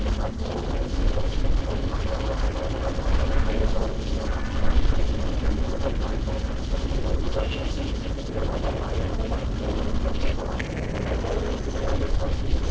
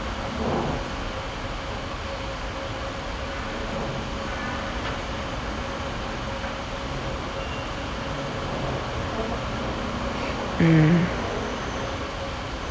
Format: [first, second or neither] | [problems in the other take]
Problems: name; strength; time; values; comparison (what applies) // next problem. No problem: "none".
second | noise reduction (neural separator model SepFormer DNS4)